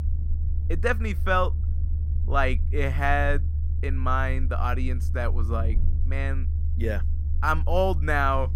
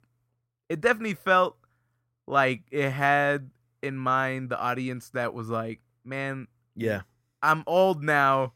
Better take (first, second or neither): second